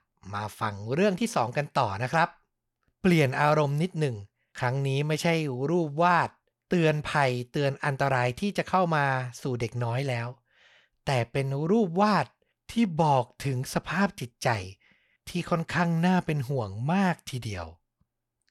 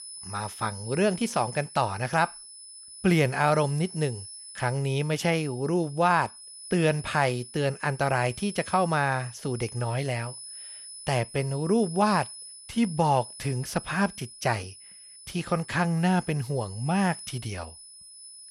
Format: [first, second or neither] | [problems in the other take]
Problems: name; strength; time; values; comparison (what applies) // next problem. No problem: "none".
first | high-pitched whine; noticeable; throughout; 10 kHz, 15 dB below the speech